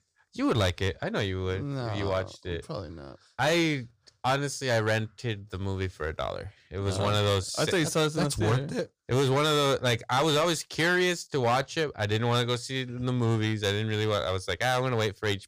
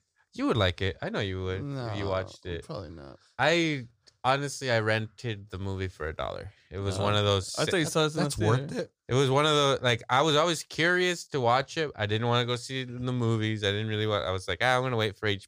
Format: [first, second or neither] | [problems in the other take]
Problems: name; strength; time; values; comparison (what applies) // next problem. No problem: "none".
second | distortion; slight; 6% of the sound clipped